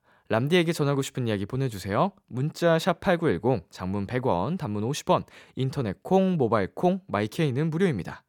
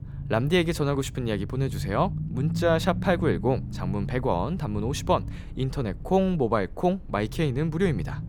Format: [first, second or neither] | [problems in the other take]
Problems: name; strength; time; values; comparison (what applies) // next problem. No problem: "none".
first | low rumble; noticeable; throughout; 15 dB below the speech